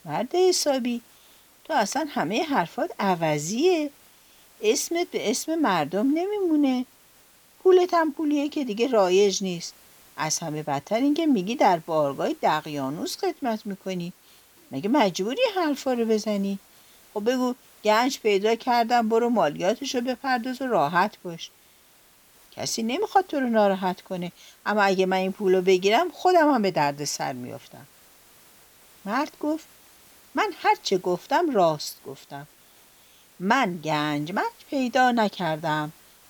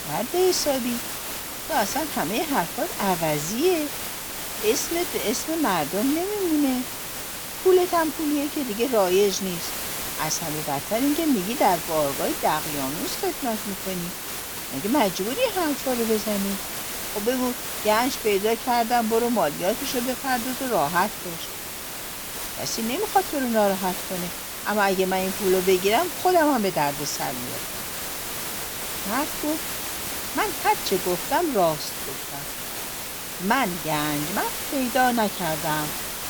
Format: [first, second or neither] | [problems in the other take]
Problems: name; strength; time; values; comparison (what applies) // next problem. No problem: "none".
first | hiss; loud; throughout; 4 dB below the speech; faint in the first